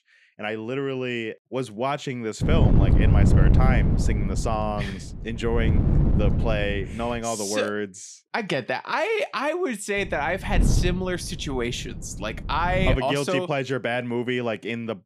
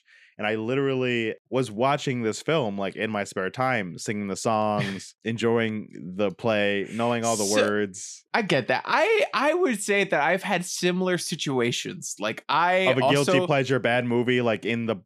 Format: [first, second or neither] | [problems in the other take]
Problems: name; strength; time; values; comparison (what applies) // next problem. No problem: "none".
second | wind noise on the microphone; heavy; from 2.5 to 7 s and from 10 to 13 s; 6 dB below the speech